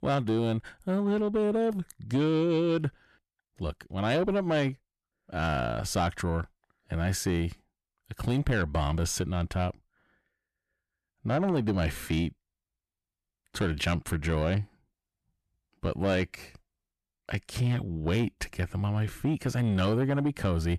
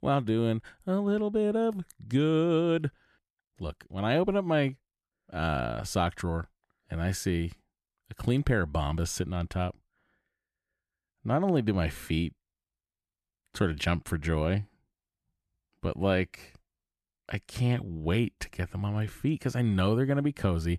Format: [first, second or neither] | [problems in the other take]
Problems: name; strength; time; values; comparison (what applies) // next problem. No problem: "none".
second | distortion; slight; 10 dB below the speech